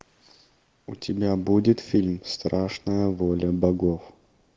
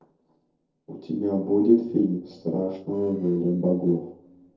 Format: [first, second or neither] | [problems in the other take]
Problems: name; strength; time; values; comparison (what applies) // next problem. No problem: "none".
first | noise reduction (neural separator model SepFormer DNS4)